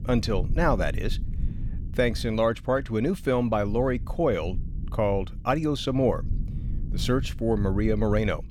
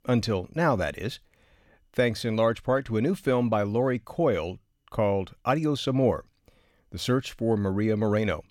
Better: second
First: low rumble; faint; throughout; 20 dB below the speech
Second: none

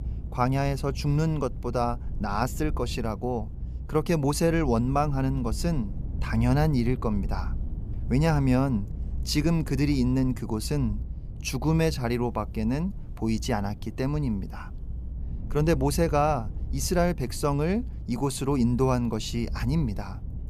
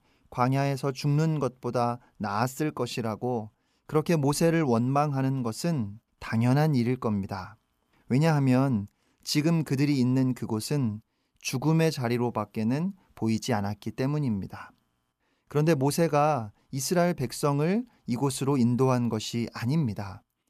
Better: second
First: low rumble; faint; throughout; 20 dB below the speech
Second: none

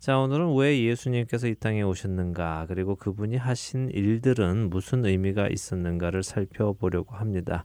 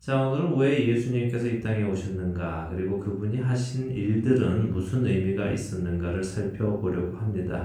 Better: first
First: none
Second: off-mic speech; far // room echo; noticeable; dies away in 0.5 s

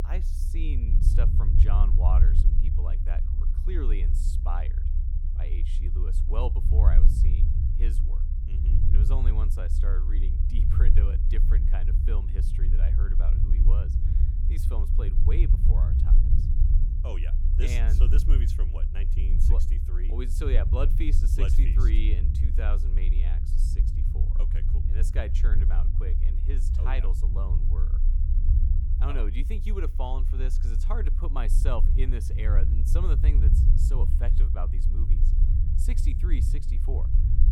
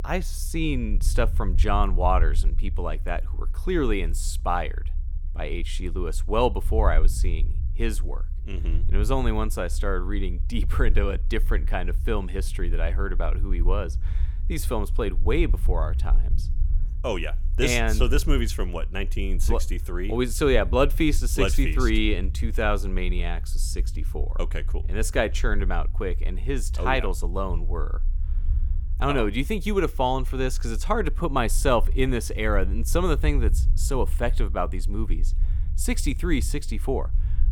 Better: second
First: low rumble; loud; throughout; 4 dB below the speech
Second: low rumble; faint; throughout; 20 dB below the speech

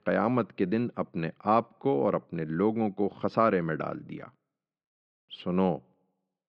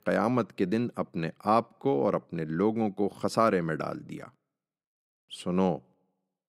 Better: second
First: muffled; slightly; fading above 3.5 kHz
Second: none

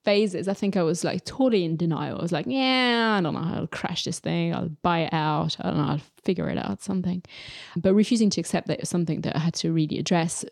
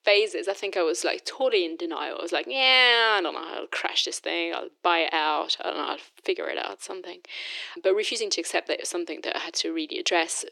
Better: first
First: none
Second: thin; very; fading below 350 Hz

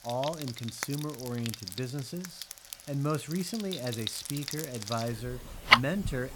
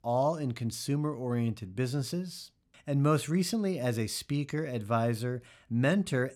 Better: second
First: household noises; very loud; throughout; 4 dB above the speech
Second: none

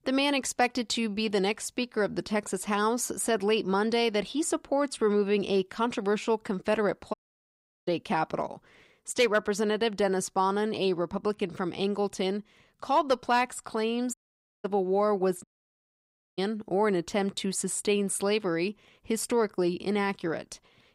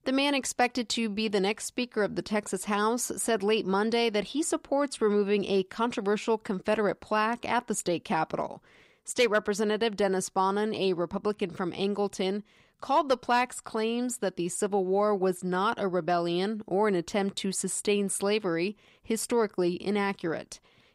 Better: second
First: audio cutting out; at 7 s for 0.5 s, at 14 s for 0.5 s and at 15 s for 1 s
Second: none

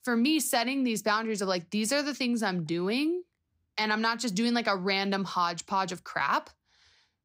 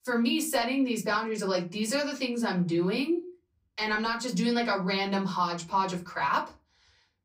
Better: first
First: none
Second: off-mic speech; far // room echo; very slight; dies away in 0.3 s

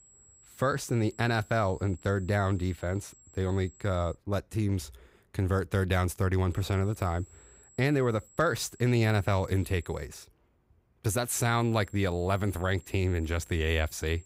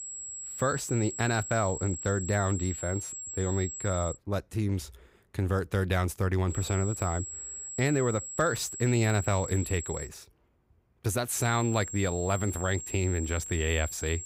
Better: first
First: high-pitched whine; faint; until 4 s, from 6.5 to 10 s and from 11 s on; 7.5 kHz, 25 dB below the speech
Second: high-pitched whine; loud; until 4 s, from 6.5 to 10 s and from 11 s on; 7.5 kHz, 7 dB below the speech

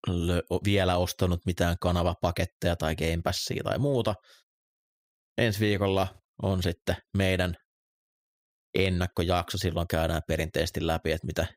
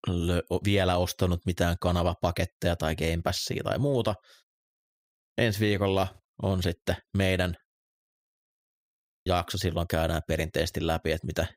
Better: first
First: none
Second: audio freezing; at 8.5 s for 0.5 s

